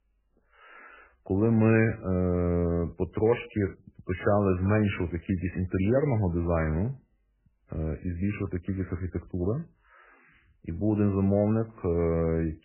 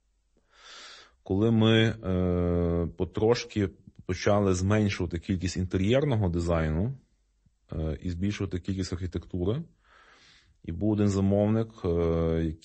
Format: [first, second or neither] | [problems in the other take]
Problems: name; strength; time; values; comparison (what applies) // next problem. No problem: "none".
second | garbled, watery; badly; nothing above 2.5 kHz; slightly in the second